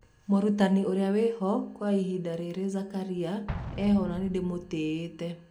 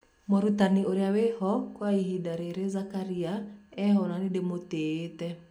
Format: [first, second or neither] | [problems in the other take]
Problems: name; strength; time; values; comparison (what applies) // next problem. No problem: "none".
second | background sound (Explosion); 16 dB below the speech